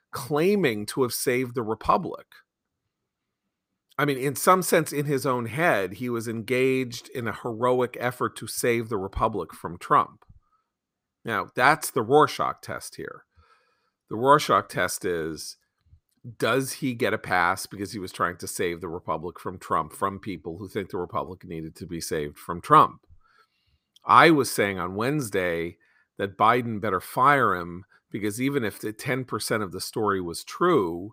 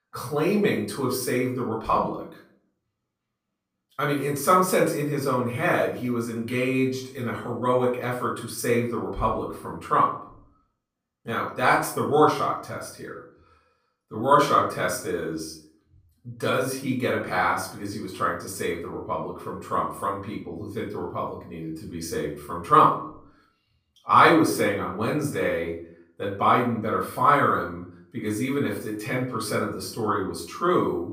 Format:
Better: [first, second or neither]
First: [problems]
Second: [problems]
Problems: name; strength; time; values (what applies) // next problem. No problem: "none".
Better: first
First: none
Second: off-mic speech; far // room echo; slight; dies away in 0.4 s